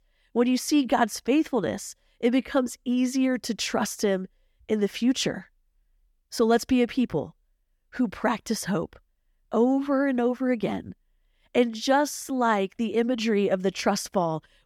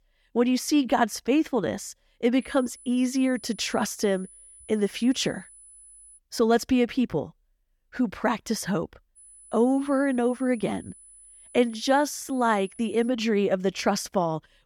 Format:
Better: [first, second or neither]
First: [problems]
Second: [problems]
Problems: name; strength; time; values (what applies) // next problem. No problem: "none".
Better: first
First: none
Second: high-pitched whine; faint; from 2.5 to 6 s and from 9 to 13 s; 10 kHz, 20 dB below the speech